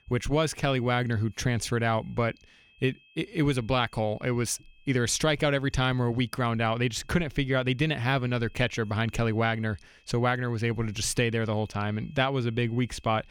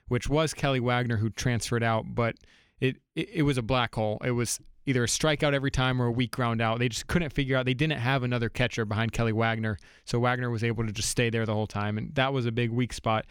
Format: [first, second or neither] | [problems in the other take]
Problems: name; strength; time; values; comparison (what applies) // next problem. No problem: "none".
second | high-pitched whine; faint; throughout; 2.5 kHz, 30 dB below the speech